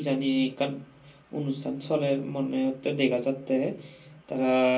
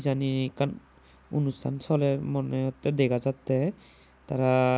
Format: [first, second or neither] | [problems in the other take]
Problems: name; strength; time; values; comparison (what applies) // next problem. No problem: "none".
second | room echo; dies away in 0.3 s